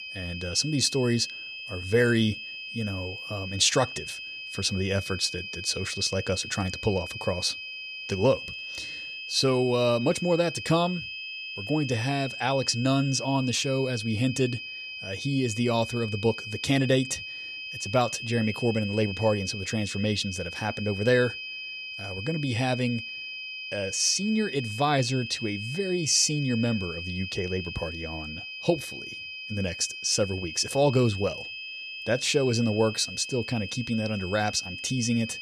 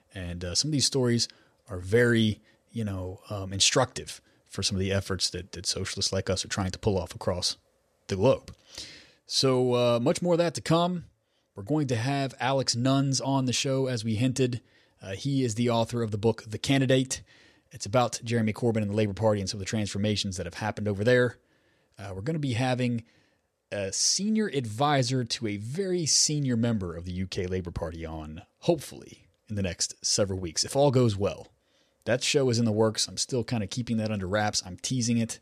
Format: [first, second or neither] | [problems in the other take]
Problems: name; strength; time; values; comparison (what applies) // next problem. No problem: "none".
second | high-pitched whine; loud; throughout; 2.5 kHz, 8 dB below the speech